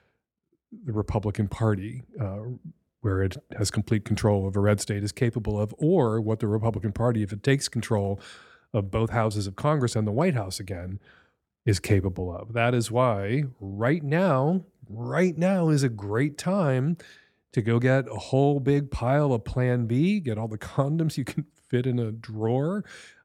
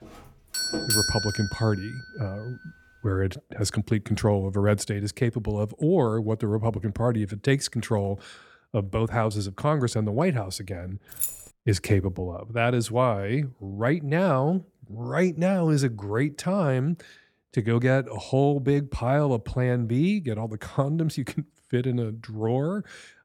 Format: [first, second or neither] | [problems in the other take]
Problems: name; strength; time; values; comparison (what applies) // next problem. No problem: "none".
first | doorbell; loud; from 0.5 to 1.5 s; peak 3 dB above the speech // jangling keys; noticeable; at 11 s; peak 3 dB below the speech